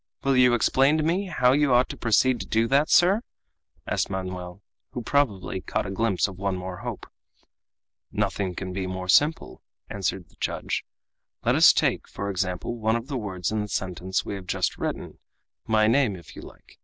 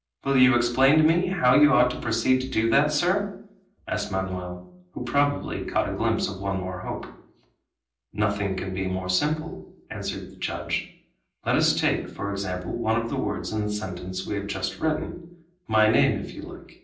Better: first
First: none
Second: room echo; dies away in 0.6 s

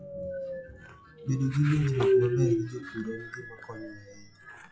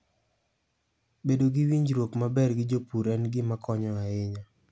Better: second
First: noise reduction (classical method WPE with log-MMSE)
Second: none

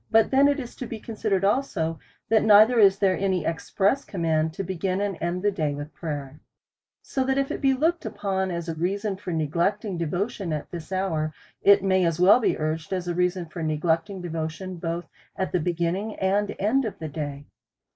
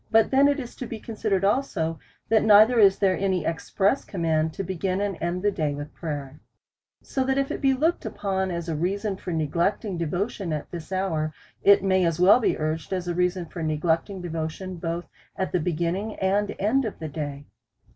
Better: second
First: noise reduction (neural mask model Resemble Enhance denoiser)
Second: none

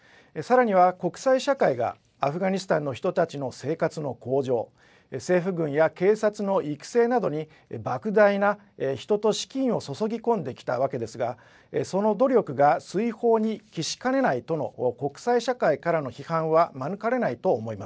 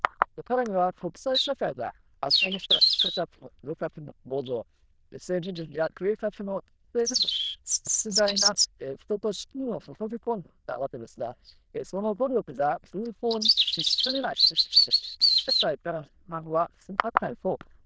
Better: first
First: none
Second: noise reduction (neural diffusion model UNIVERSE++)

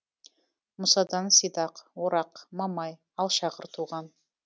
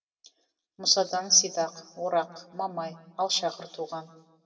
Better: first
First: none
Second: room echo; dies away in 1.1 s

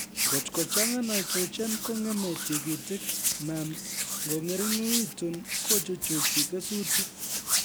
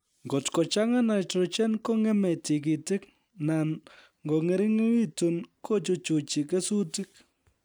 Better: second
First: background sound (Hands); 2 dB above the speech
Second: none

